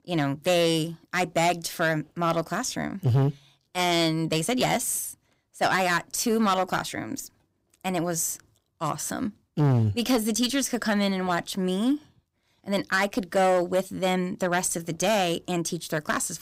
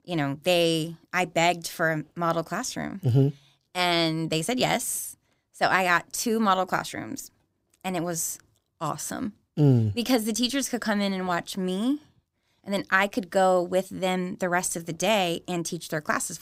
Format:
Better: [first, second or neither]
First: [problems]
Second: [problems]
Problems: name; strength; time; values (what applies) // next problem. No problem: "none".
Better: second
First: distortion; slight; 5% of the sound clipped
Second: none